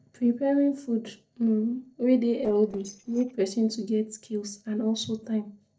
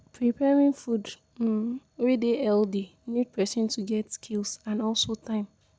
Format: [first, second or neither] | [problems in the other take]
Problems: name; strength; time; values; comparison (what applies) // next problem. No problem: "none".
second | noise reduction (neural separator model SepFormer DNS4)